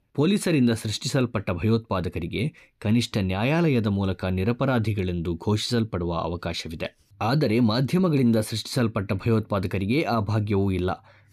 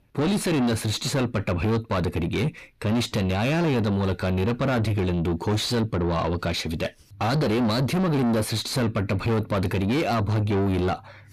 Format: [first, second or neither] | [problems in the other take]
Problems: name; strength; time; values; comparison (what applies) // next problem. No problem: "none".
first | distortion; heavy; 7 dB below the speech